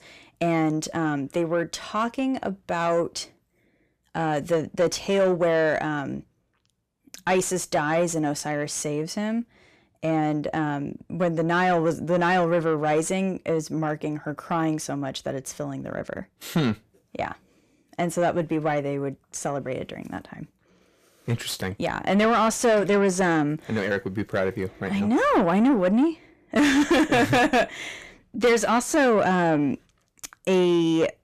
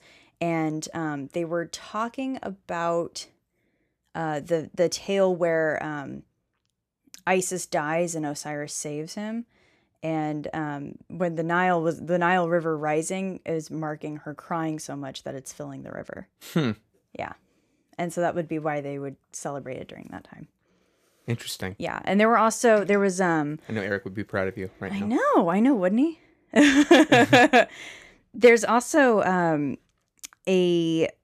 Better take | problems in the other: second | distortion; heavy; 7 dB below the speech

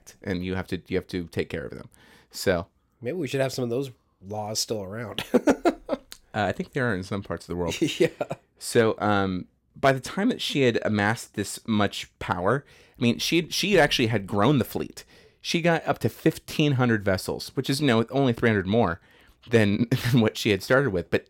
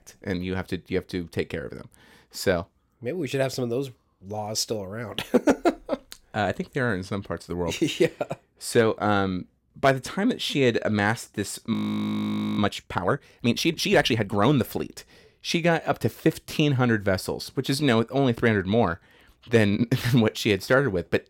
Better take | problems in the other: first | audio freezing; at 12 s for 1 s

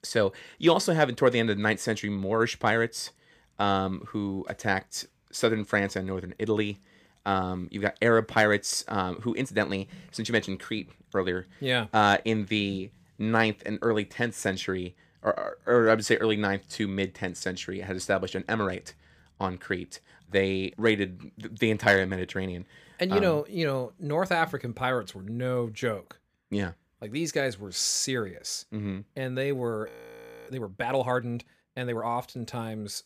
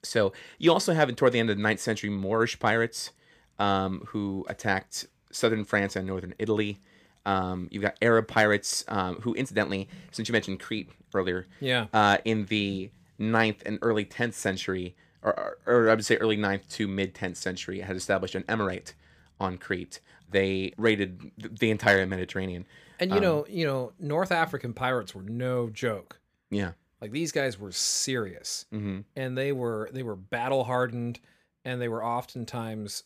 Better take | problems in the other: second | audio freezing; at 30 s for 0.5 s

